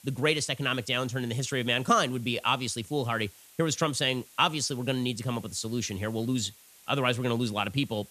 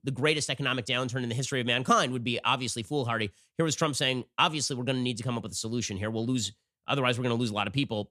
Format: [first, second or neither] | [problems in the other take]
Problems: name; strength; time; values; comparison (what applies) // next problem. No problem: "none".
second | hiss; faint; throughout; 25 dB below the speech